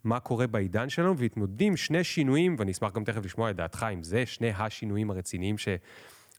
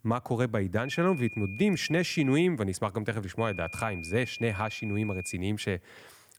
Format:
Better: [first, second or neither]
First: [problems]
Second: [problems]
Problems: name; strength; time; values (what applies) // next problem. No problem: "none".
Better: first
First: none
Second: high-pitched whine; noticeable; from 1 to 2.5 s and from 3.5 to 5.5 s; 2.5 kHz, 10 dB below the speech